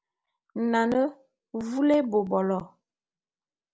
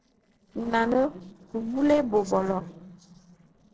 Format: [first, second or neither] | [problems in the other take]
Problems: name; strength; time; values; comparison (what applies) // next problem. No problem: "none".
first | noise reduction (neural separator model SepFormer DNS4)